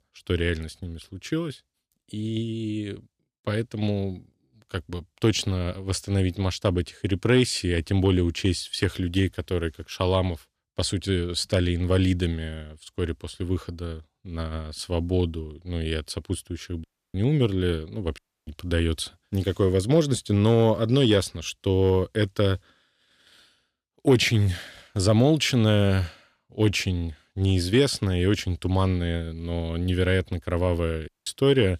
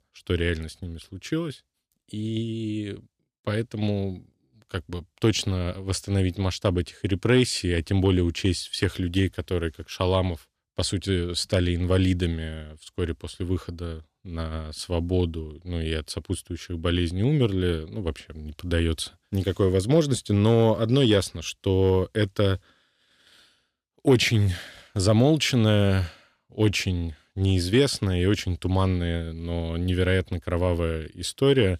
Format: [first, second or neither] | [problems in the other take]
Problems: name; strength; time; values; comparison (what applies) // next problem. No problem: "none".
second | audio cutting out; at 17 s, at 18 s and at 31 s